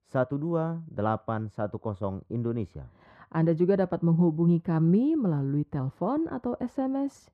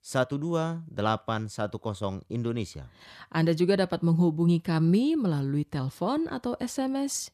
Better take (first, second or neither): second